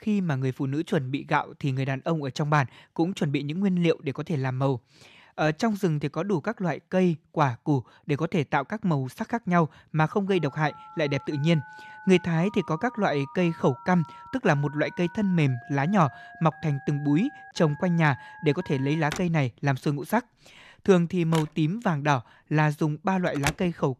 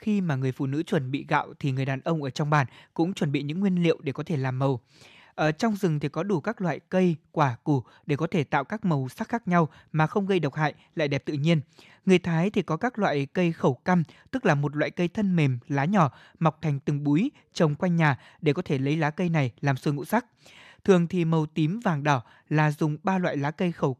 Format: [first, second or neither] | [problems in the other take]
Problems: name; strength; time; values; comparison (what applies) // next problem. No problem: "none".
second | alarms or sirens; noticeable; from 10 s on; 15 dB below the speech